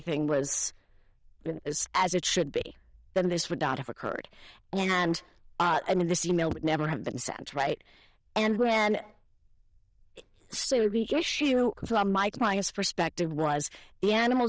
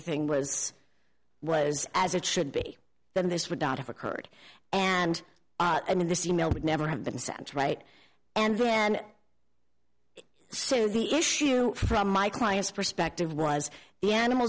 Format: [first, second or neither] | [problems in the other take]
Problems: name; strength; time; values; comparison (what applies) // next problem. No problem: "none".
second | noise reduction (neural diffusion model UNIVERSE++)